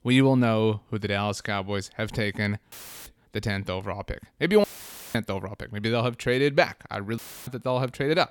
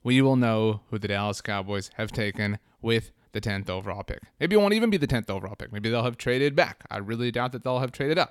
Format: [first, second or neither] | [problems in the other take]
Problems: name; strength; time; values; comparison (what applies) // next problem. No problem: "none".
second | audio cutting out; filled with static; at 2.5 s, at 4.5 s for 0.5 s and at 7 s